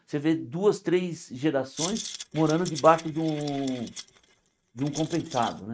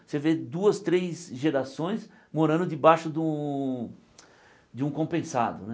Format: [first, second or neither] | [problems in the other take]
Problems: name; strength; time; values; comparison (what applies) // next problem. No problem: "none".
second | noise reduction (neural mask model RNNoise)